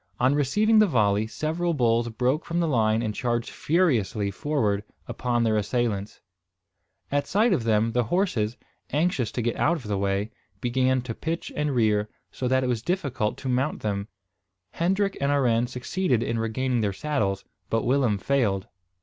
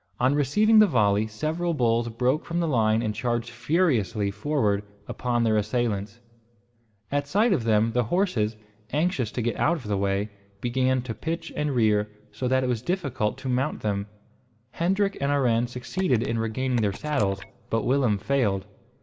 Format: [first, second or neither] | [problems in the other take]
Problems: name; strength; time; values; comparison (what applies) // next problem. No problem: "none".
first | background sound (Telephone); 17 dB below the speech // room echo; dies away in 1.1 s